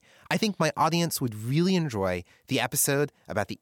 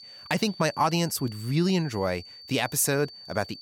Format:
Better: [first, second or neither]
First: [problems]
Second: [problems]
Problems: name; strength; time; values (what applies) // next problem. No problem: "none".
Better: first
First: none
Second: high-pitched whine; noticeable; throughout; 4.5 kHz, 15 dB below the speech